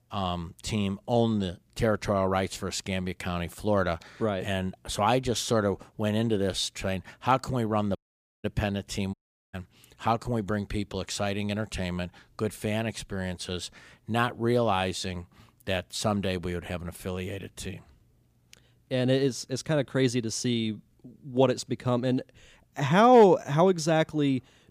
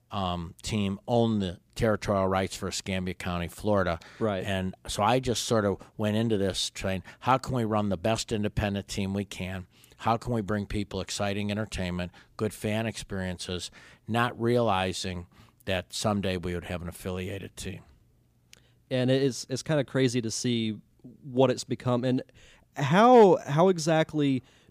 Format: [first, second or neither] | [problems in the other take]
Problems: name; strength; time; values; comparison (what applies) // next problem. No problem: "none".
second | audio cutting out; at 8 s and at 9 s